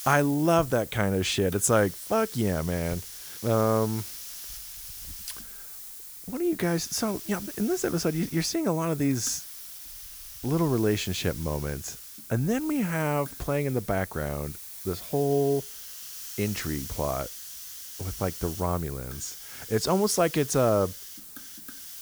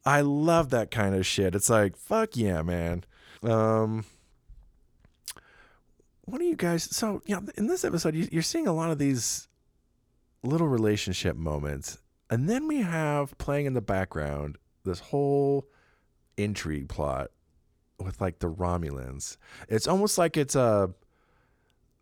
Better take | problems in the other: second | hiss; noticeable; throughout; 10 dB below the speech

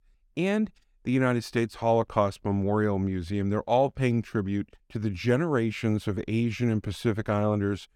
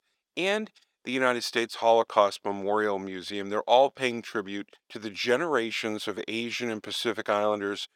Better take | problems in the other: first | thin; somewhat; fading below 500 Hz

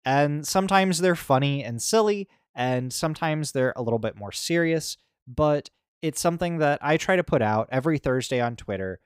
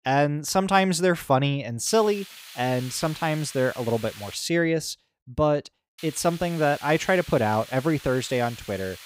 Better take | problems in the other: first | hiss; noticeable; from 2 to 4.5 s and from 6 s on; 15 dB below the speech

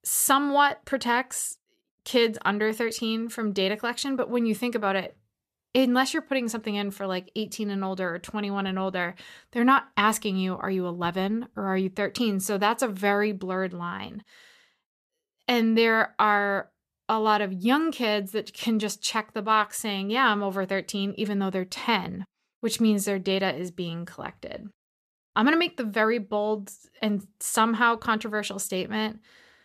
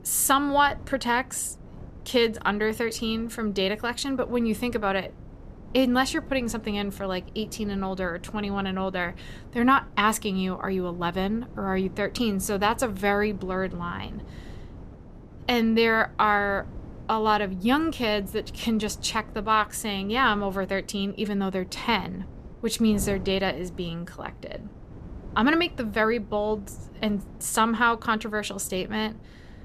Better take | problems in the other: first | wind noise on the microphone; occasional gusts; 25 dB below the speech

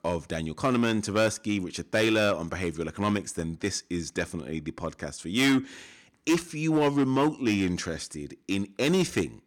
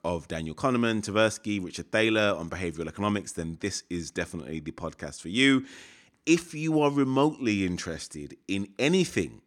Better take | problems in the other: second | distortion; slight; 4% of the sound clipped

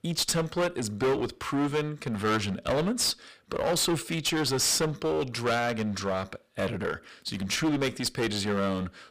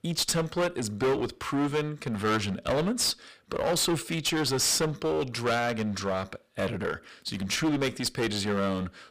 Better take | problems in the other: neither | distortion; heavy; 16% of the sound clipped; the same in both

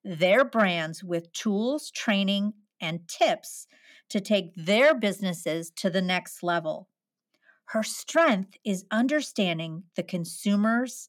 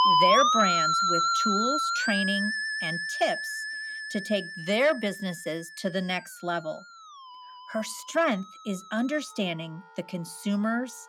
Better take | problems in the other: first | background music; very loud; throughout; 4 dB above the speech

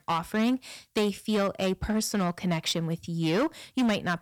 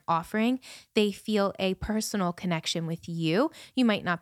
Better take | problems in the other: second | distortion; slight; 9% of the sound clipped

